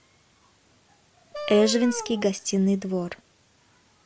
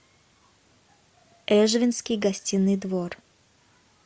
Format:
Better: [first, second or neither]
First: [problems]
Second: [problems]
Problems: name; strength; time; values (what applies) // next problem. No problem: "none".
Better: second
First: background sound (Wind instrument, woodwind instrument); 11 dB below the speech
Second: none